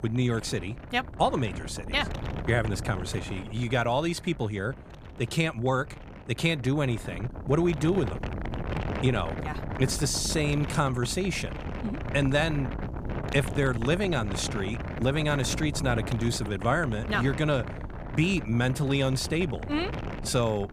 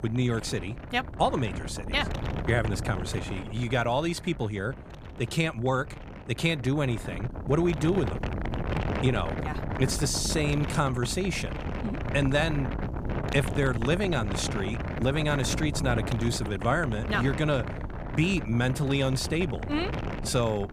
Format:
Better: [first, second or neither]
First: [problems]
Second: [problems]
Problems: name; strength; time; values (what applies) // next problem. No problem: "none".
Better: first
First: wind noise on the microphone; occasional gusts; 10 dB below the speech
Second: wind noise on the microphone; heavy; 8 dB below the speech